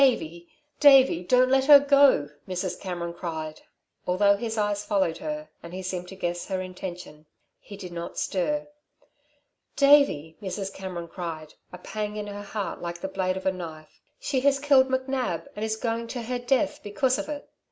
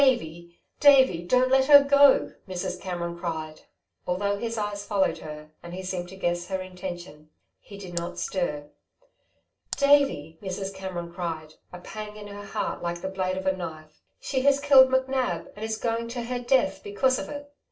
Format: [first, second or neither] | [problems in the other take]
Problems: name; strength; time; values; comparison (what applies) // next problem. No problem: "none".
first | noise reduction (neural separator model SepFormer DNS4)